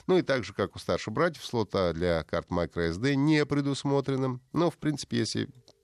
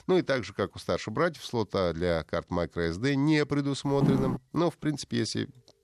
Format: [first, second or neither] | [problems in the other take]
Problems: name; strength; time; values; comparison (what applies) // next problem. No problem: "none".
first | footsteps; loud; at 4 s; peak 1 dB above the speech